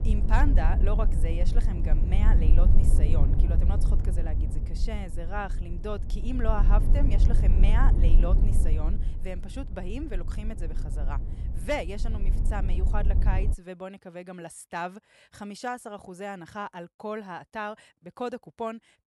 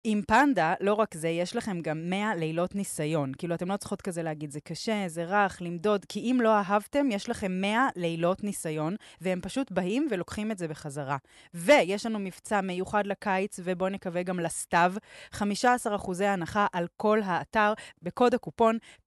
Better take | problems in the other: second | low rumble; loud; until 14 s; 7 dB below the speech

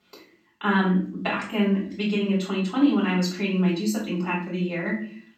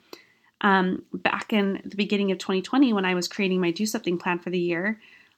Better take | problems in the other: second | off-mic speech; far // room echo; slight; dies away in 0.4 s

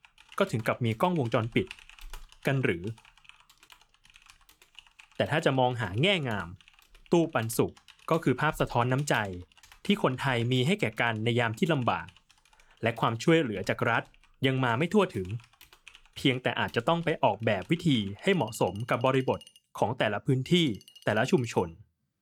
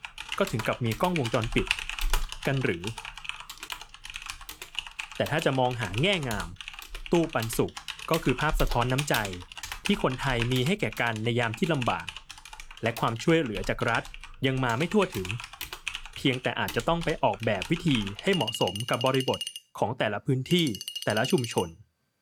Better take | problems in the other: first | household noises; loud; throughout; 8 dB below the speech; faint in the first

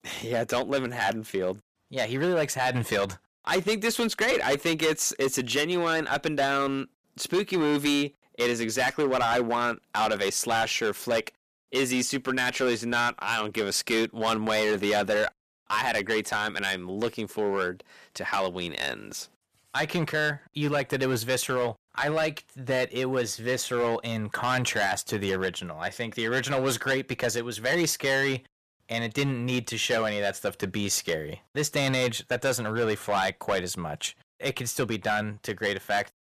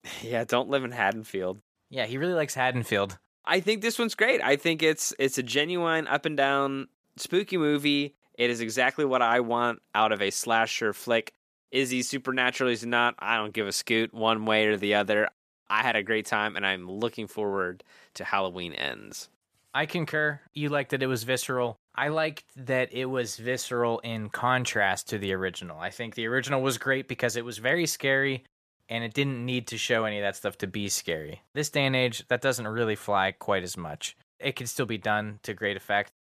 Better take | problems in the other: second | distortion; heavy; 8% of the sound clipped

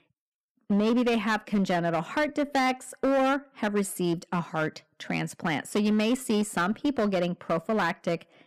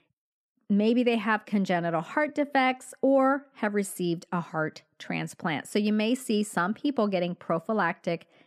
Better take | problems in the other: second | distortion; slight; 12% of the sound clipped

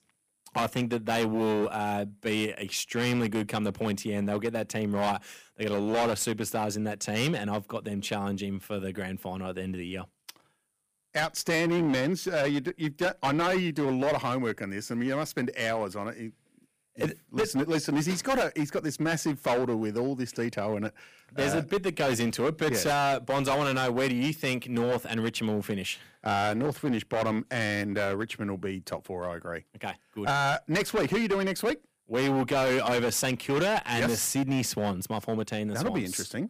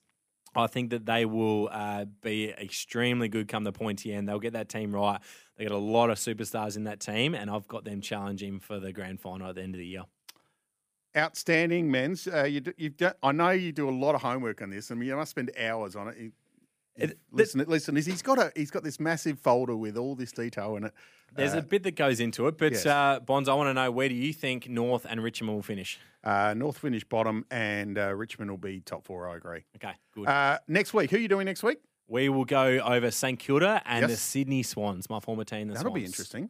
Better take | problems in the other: second | distortion; heavy; 11% of the sound clipped

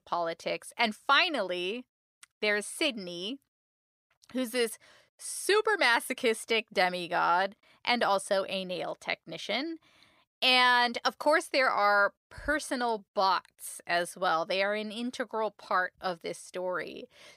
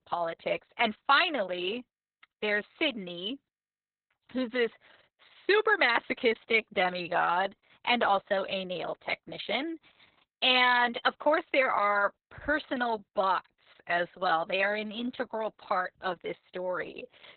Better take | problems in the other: first | garbled, watery; badly; nothing above 4 kHz

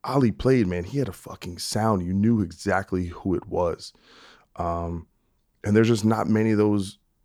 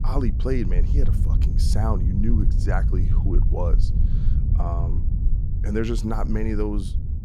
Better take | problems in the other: first | low rumble; loud; throughout; 8 dB below the speech

